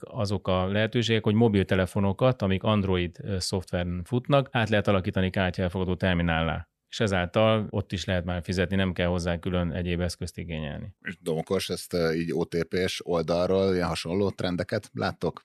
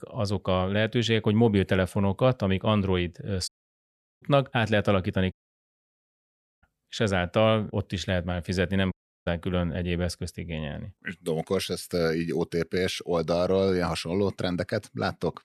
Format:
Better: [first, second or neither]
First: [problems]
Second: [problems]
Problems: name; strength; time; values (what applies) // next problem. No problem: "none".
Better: first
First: none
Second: audio cutting out; at 3.5 s for 0.5 s, at 5.5 s for 1.5 s and at 9 s